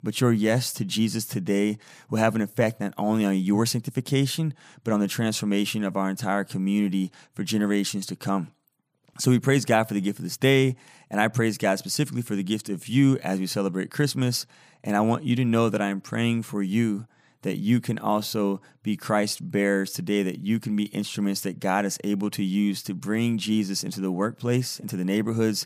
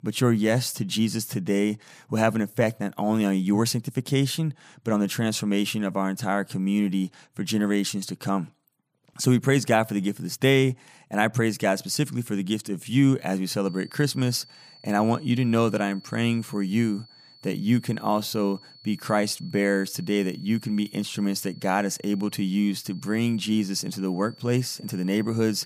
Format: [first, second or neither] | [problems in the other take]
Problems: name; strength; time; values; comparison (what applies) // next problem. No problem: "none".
first | high-pitched whine; faint; from 14 s on; 4.5 kHz, 25 dB below the speech